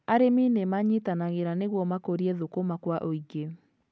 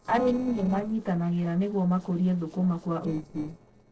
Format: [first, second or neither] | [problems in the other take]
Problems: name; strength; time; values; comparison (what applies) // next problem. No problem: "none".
first | noise reduction (neural separator model SepFormer DNS4)